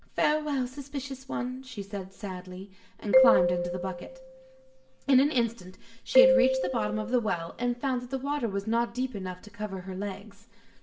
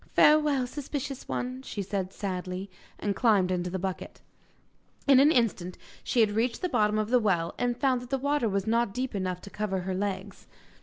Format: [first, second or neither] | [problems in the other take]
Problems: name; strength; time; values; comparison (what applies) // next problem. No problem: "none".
second | background sound (Marimba, xylophone); 2 dB above the speech // room echo; dies away in 0.4 s